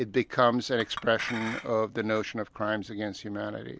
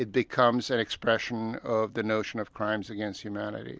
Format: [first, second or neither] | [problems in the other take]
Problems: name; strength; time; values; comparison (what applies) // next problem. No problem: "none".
second | background sound (Chink, clink); 13 dB below the speech